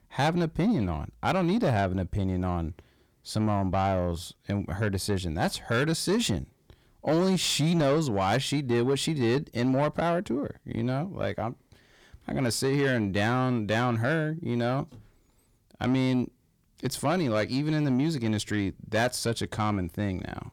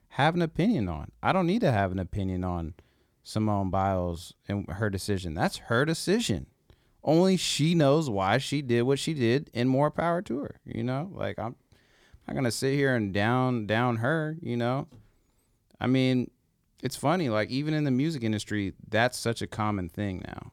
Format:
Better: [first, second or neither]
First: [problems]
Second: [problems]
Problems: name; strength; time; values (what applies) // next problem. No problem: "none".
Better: second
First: distortion; slight; 10 dB below the speech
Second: none